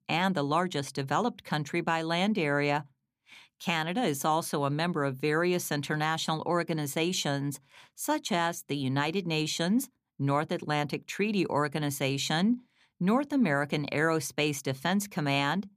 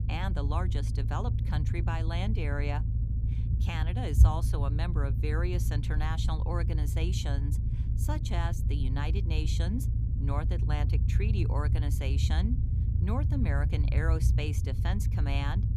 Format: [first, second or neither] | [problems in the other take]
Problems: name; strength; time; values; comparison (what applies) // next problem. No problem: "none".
first | low rumble; loud; throughout; 6 dB below the speech